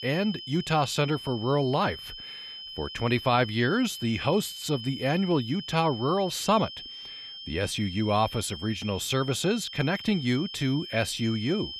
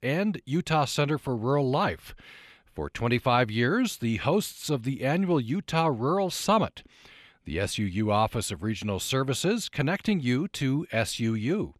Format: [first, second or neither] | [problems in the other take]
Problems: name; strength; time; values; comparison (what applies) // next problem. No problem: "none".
second | high-pitched whine; noticeable; throughout; 3 kHz, 10 dB below the speech